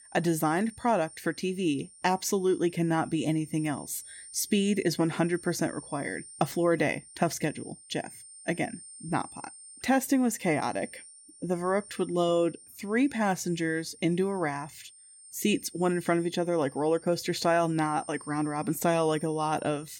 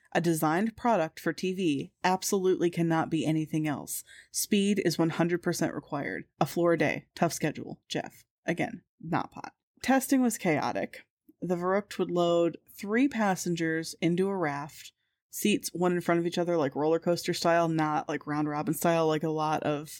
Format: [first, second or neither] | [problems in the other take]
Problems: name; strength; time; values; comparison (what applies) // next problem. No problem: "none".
second | high-pitched whine; noticeable; throughout; 9 kHz, 20 dB below the speech